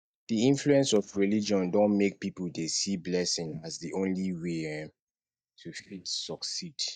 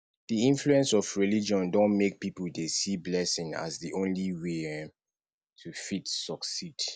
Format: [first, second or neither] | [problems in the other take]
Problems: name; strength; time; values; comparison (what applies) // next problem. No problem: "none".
second | noise reduction (neural mask model DeepFilterNet 3)